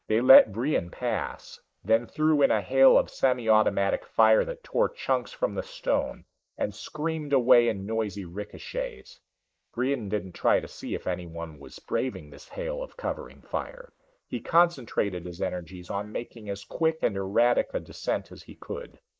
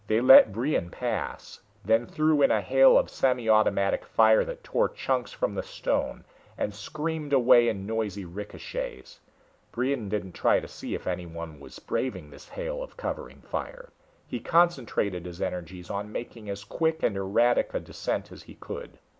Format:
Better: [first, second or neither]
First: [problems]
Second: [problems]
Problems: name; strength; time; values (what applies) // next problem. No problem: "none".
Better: second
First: noise reduction (neural mask model Resemble Enhance denoiser)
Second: none